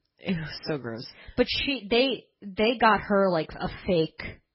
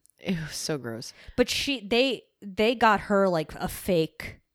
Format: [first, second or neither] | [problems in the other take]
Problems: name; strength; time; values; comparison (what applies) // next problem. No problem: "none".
second | garbled, watery; badly; nothing above 5.5 kHz